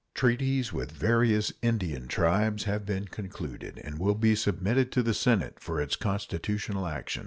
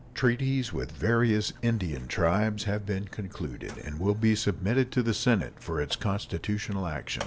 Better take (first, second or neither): first